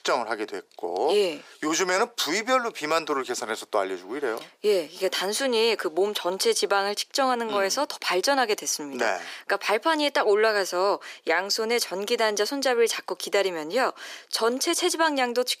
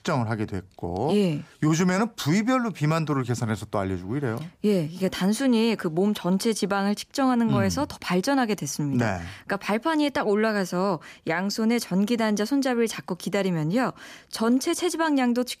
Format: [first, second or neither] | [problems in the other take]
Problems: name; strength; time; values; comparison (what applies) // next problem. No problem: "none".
second | thin; very; fading below 400 Hz